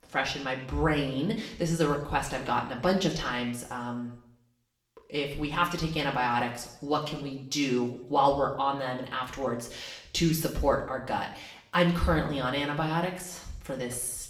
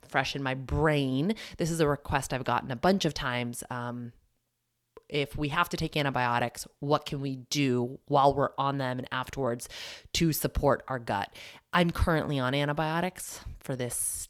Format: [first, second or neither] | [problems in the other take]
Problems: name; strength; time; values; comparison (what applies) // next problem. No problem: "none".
second | room echo; slight; dies away in 0.7 s // off-mic speech; somewhat distant